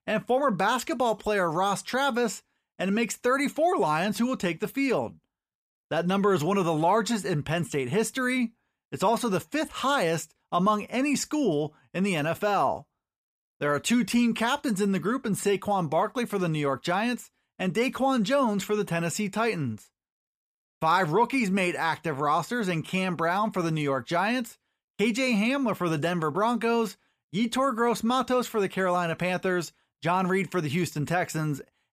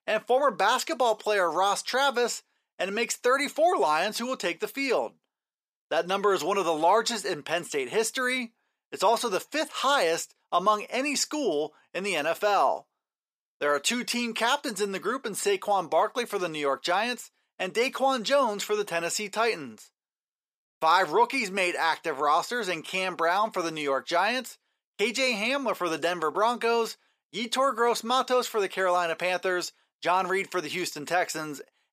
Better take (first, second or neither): first